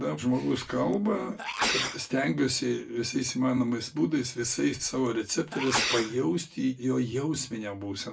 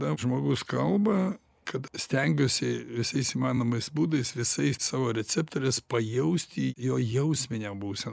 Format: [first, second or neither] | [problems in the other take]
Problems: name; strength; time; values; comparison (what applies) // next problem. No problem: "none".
second | background sound (Sneeze); 6 dB below the speech // room echo; dies away in 0.2 s